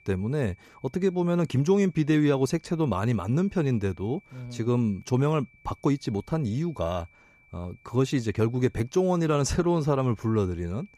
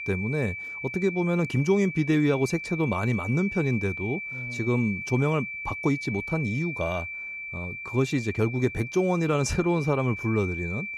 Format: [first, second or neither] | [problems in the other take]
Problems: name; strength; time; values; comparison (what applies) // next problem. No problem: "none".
first | high-pitched whine; loud; throughout; 2.5 kHz, 7 dB below the speech; faint in the first